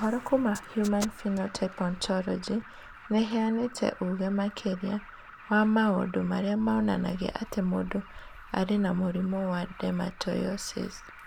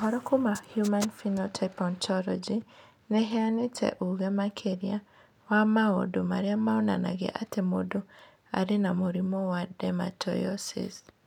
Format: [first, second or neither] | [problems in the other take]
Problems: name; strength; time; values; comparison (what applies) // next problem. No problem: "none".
second | background sound (Alarm); 18 dB below the speech